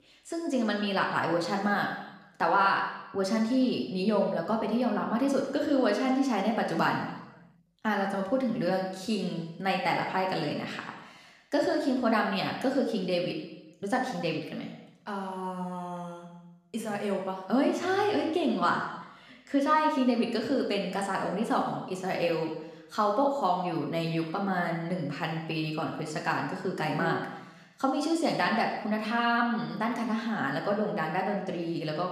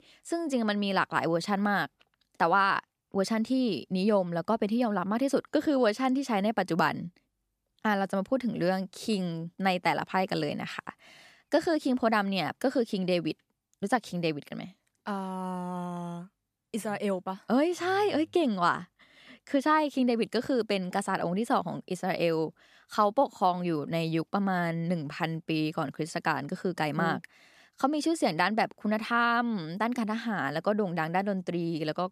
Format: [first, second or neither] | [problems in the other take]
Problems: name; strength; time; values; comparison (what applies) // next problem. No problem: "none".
second | room echo; noticeable; dies away in 0.9 s // off-mic speech; somewhat distant